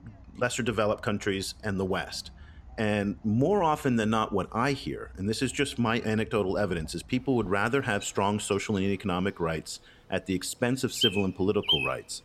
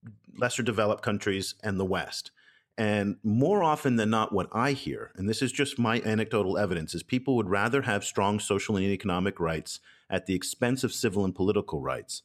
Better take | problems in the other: second | animal sounds; loud; throughout; as loud as the speech

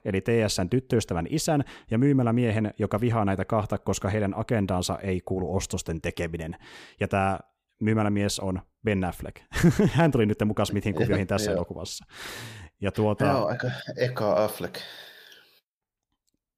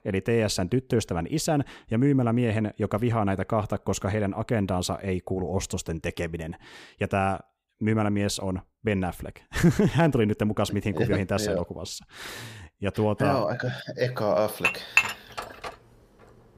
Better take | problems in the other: first | clattering dishes; loud; at 15 s; peak 5 dB above the speech

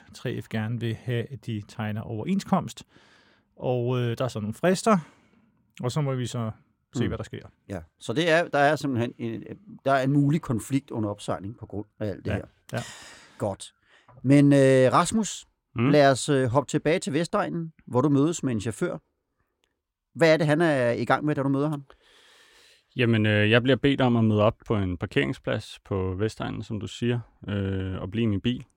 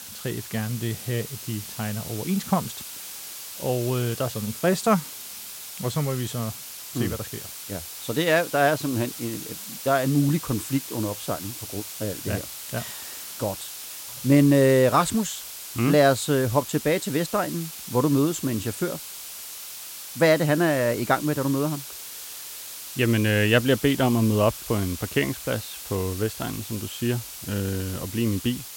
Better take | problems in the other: first | hiss; noticeable; throughout; 10 dB below the speech

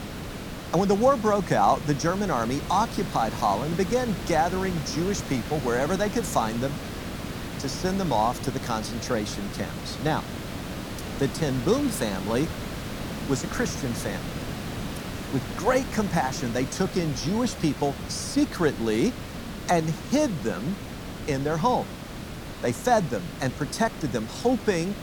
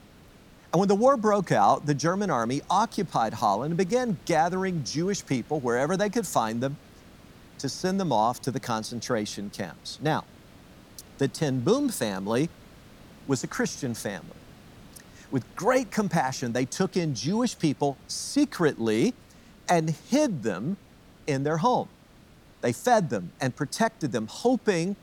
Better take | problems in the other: second | hiss; loud; throughout; 8 dB below the speech; faint in the second

